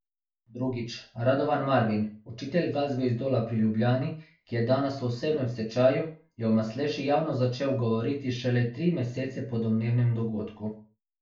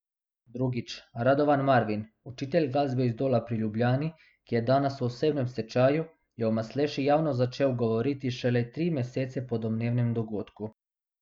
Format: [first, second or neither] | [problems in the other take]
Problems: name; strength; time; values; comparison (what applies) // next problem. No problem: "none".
second | room echo; dies away in 0.3 s